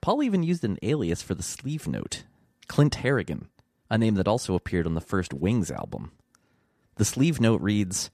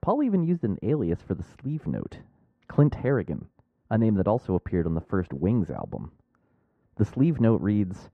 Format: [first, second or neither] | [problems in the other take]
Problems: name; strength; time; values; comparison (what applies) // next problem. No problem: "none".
first | muffled; very; fading above 3 kHz